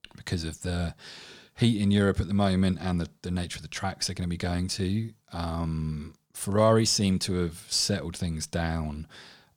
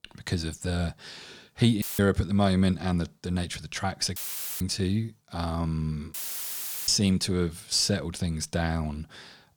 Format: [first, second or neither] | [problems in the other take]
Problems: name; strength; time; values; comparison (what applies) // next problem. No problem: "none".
first | audio cutting out; filled with static; at 2 s, at 4 s and at 6 s for 0.5 s